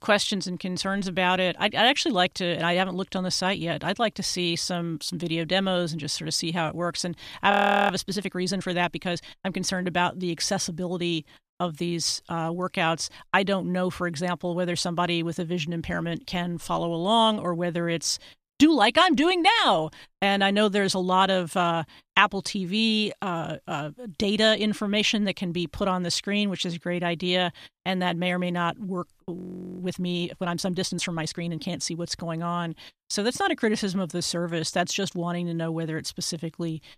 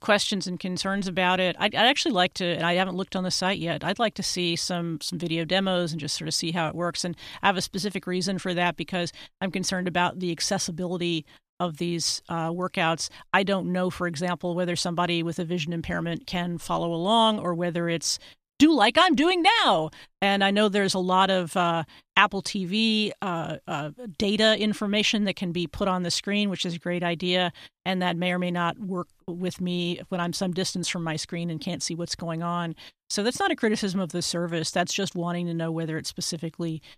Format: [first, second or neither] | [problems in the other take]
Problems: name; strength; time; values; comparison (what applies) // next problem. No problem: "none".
second | audio freezing; at 7.5 s and at 29 s